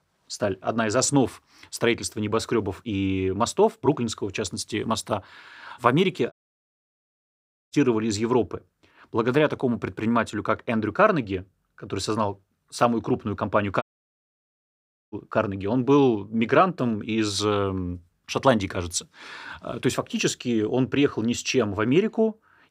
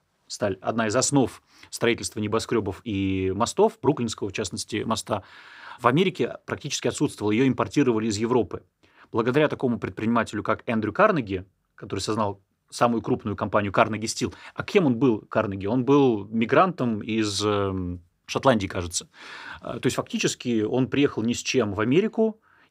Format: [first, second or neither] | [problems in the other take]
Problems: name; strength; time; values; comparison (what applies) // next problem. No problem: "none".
second | audio cutting out; at 6.5 s for 1.5 s and at 14 s for 1.5 s